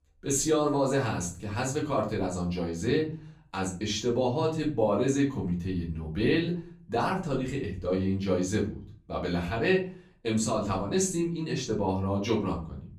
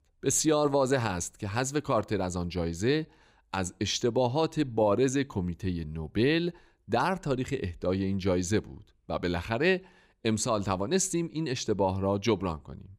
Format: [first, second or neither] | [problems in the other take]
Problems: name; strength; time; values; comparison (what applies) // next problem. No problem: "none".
second | room echo; slight; dies away in 0.4 s // off-mic speech; far